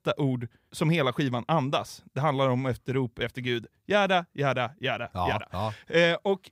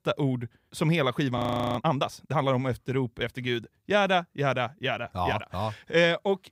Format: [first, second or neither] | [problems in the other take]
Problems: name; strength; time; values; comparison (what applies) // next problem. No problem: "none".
first | audio freezing; at 1.5 s